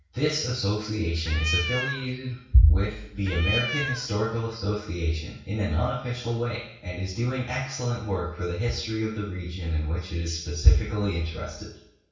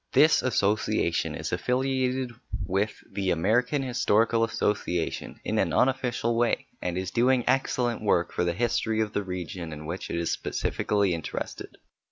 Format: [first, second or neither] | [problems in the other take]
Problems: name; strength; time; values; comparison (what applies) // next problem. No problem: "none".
second | background sound (Cat); 5 dB below the speech // room echo; dies away in 0.6 s